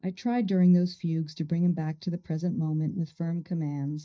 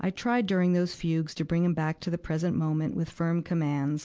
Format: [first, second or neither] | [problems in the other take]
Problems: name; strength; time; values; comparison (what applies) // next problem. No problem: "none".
second | noise reduction (neural mask model DeepFilterNet 3)